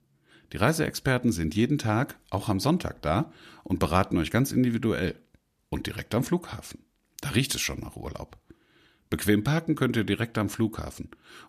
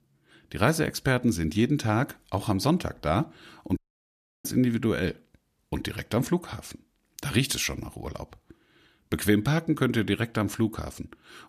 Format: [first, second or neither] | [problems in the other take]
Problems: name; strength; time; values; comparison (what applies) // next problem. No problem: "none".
first | audio cutting out; at 4 s for 0.5 s